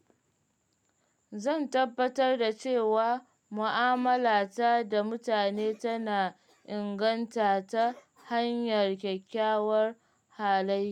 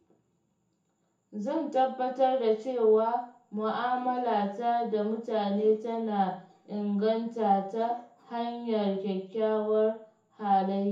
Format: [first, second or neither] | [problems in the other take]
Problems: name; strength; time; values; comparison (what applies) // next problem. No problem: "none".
first | room echo; dies away in 0.6 s